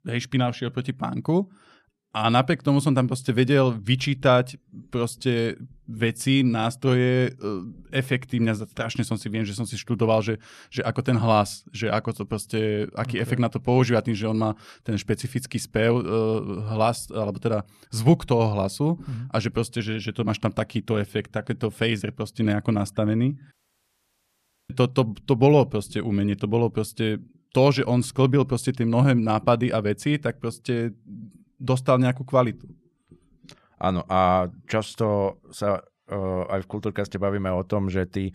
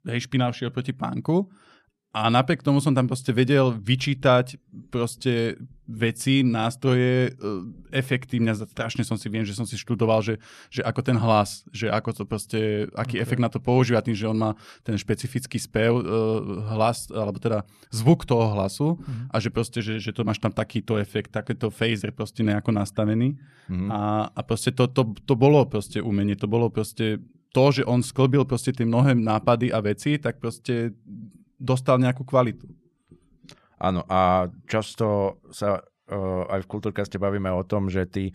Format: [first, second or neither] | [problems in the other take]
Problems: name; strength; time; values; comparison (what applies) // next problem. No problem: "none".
second | audio cutting out; at 24 s for 1 s